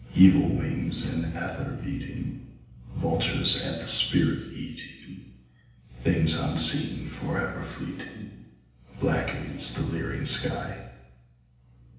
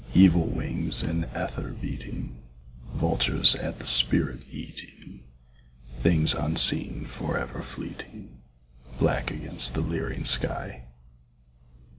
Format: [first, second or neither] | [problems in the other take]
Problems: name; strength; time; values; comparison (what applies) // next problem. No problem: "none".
second | room echo; dies away in 0.9 s